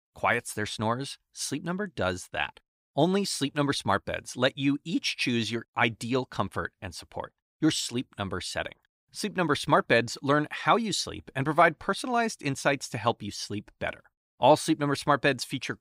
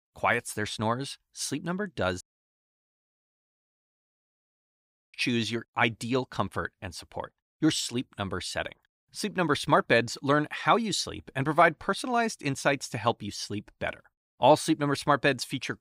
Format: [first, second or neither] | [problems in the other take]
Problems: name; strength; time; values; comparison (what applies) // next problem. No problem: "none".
first | audio cutting out; at 2 s for 3 s